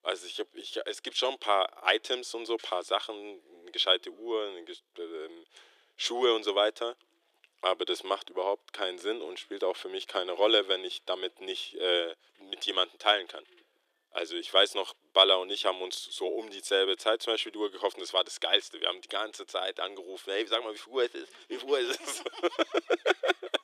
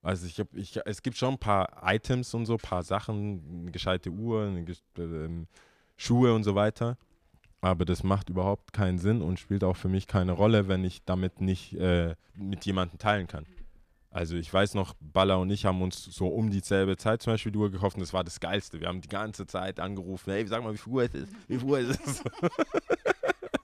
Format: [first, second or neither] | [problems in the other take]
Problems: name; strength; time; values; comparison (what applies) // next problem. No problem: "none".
second | thin; very; fading below 350 Hz